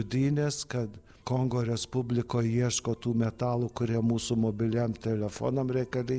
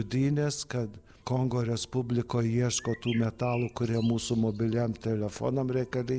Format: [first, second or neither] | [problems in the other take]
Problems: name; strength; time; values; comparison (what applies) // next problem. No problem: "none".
first | background sound (Bird); 19 dB below the speech